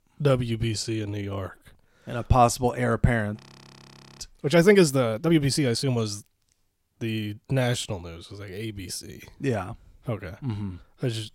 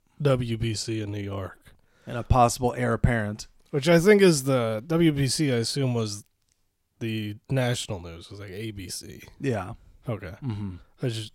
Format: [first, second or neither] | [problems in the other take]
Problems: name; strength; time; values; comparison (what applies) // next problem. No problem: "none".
second | audio freezing; at 3.5 s for 1 s